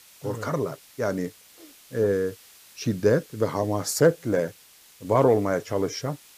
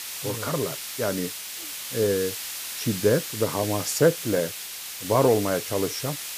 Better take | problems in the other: first | hiss; loud; throughout; 6 dB below the speech; faint in the first

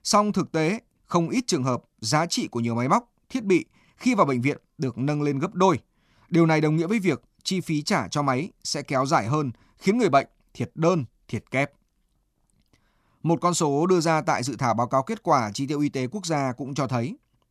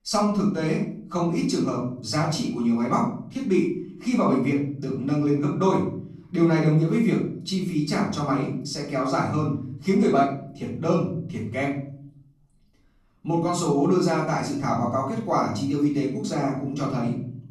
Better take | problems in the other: first | off-mic speech; far // room echo; noticeable; dies away in 0.8 s

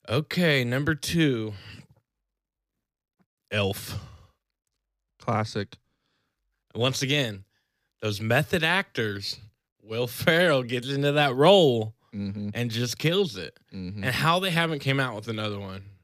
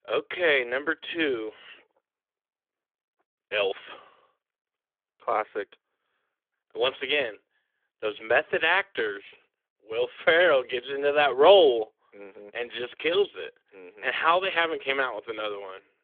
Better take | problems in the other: first | phone-call audio; nothing above 3.5 kHz

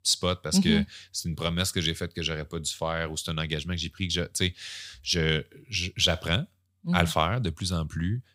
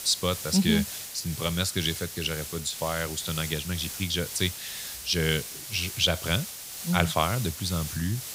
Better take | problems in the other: first | hiss; loud; throughout; 8 dB below the speech

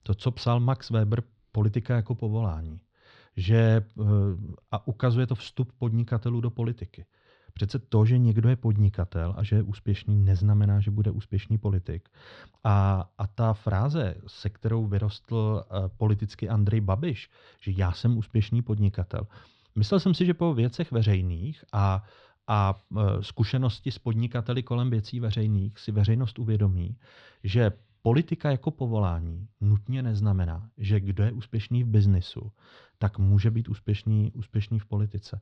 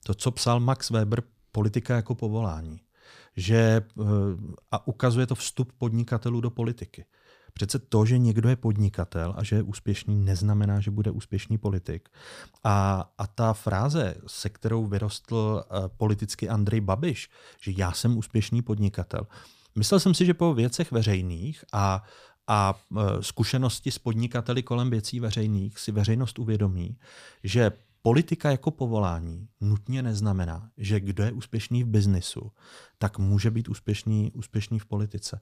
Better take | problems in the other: second | muffled; very slightly; fading above 4 kHz

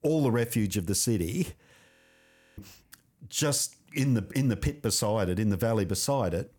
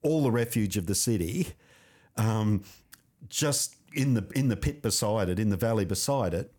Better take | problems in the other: second | audio freezing; at 2 s for 0.5 s

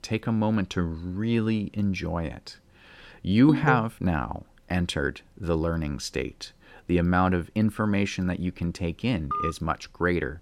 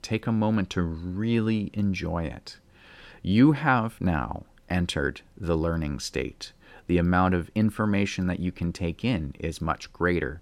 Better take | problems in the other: second | phone ringing; noticeable; at 3.5 s and at 9.5 s; peak level with the speech

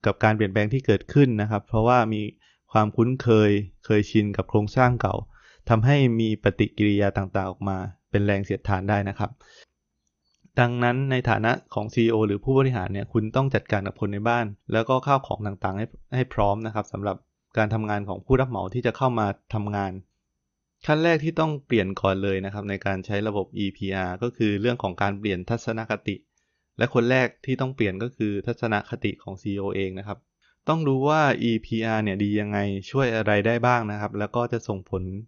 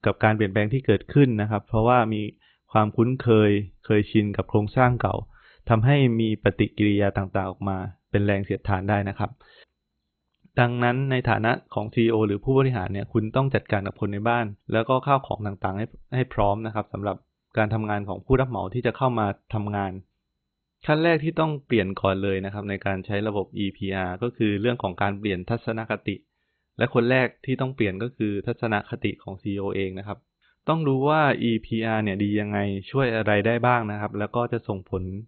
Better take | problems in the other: first | garbled, watery; badly; nothing above 4 kHz; slightly in the first

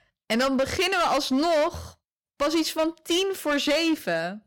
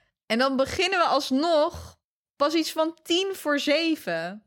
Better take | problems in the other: second | distortion; slight; 13% of the sound clipped

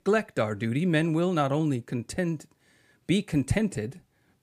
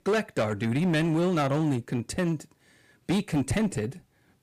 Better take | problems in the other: first | distortion; slight; 12% of the sound clipped

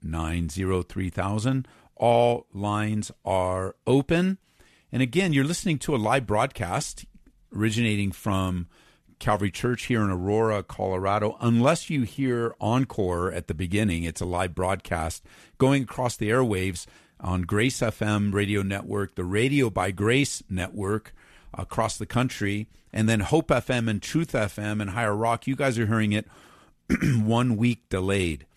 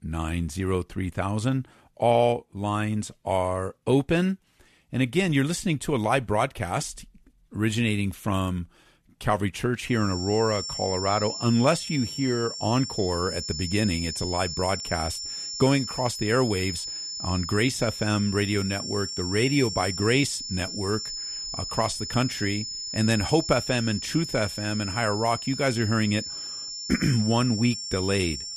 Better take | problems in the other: first | high-pitched whine; loud; from 10 s on; 5.5 kHz, 6 dB below the speech

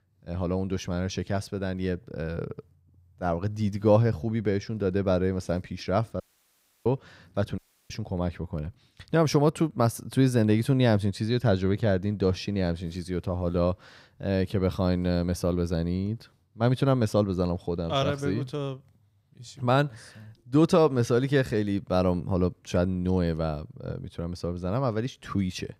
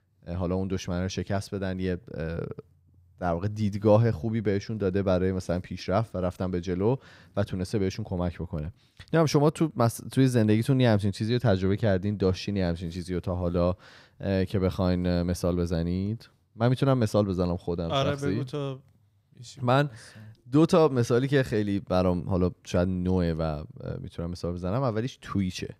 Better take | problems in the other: second | audio cutting out; at 6 s for 0.5 s and at 7.5 s

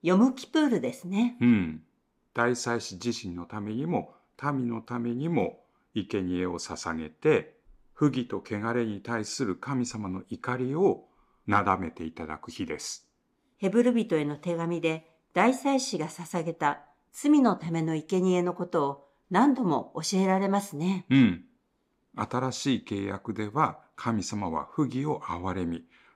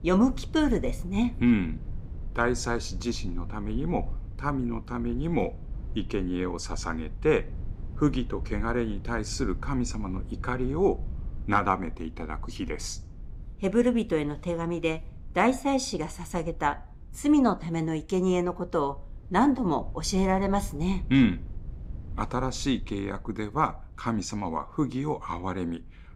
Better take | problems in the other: first | low rumble; faint; throughout; 25 dB below the speech

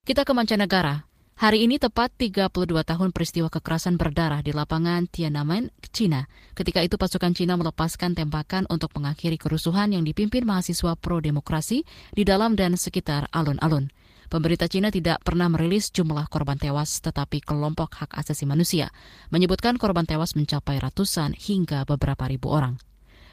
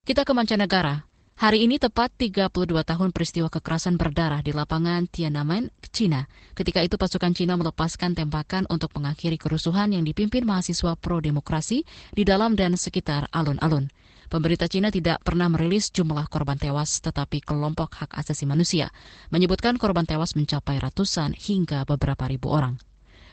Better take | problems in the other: first | garbled, watery; badly; nothing above 8 kHz; slightly in the first

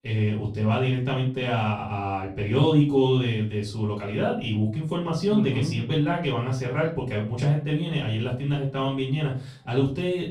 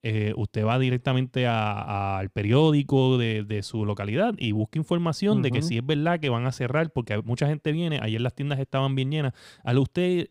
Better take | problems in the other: second | off-mic speech; far // room echo; slight; dies away in 0.3 s

